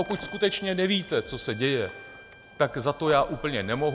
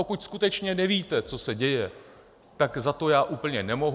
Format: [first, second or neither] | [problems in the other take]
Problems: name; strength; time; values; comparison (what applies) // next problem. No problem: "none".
second | background sound (Slam + Bowed string instrument); 16 dB below the speech